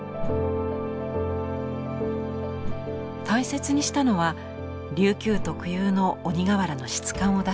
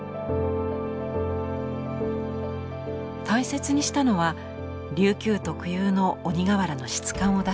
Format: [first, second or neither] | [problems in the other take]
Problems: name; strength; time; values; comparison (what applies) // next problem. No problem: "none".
second | background sound (Whoosh, swoosh, swish); 11 dB below the speech